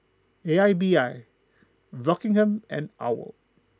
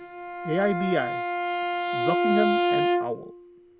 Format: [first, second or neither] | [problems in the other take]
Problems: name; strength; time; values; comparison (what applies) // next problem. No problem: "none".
first | background sound (Bowed string instrument); 3 dB above the speech